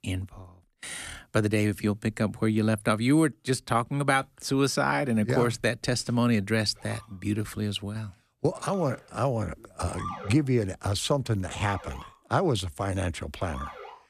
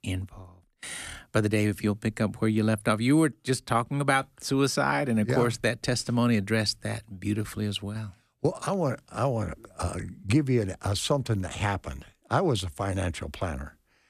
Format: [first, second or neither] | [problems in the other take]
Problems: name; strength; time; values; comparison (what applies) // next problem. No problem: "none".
second | siren; noticeable; from 7 s on; peak 10 dB below the speech